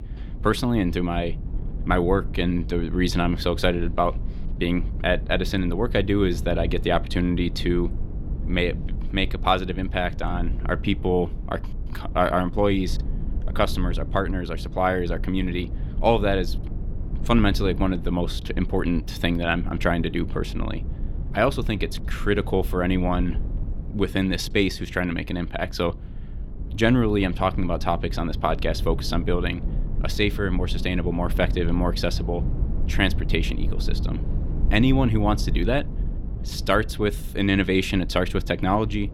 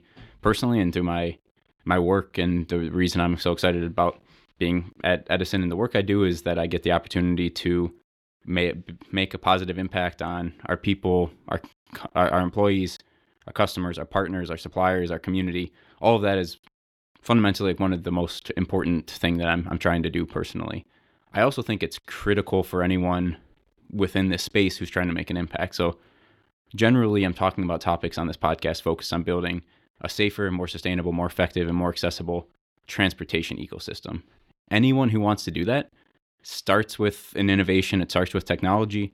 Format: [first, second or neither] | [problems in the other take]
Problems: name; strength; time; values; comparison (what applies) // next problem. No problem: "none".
second | low rumble; noticeable; throughout; 20 dB below the speech